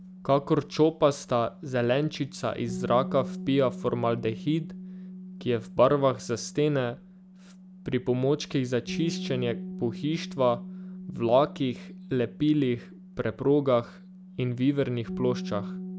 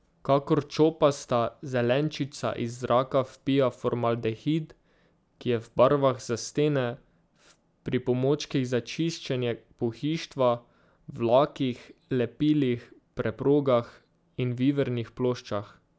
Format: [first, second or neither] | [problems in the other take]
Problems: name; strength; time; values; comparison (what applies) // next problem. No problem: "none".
second | background sound (Bass guitar); 12 dB below the speech